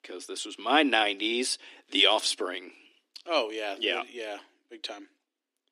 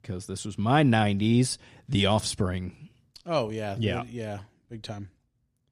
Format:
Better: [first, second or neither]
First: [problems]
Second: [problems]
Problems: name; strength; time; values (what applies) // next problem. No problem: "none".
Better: second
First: thin; somewhat; fading below 250 Hz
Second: none